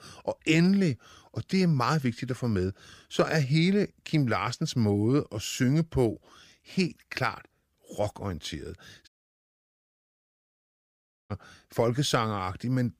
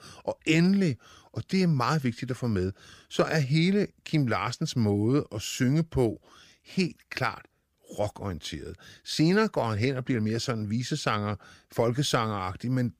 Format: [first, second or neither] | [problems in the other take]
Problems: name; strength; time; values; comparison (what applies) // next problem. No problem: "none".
second | audio cutting out; at 9 s for 2 s